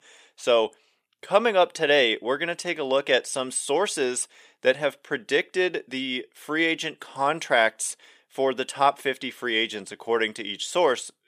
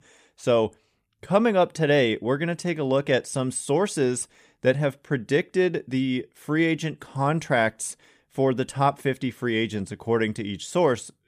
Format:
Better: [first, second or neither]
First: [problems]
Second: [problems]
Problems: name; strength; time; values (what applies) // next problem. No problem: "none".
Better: second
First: thin; somewhat; fading below 450 Hz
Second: none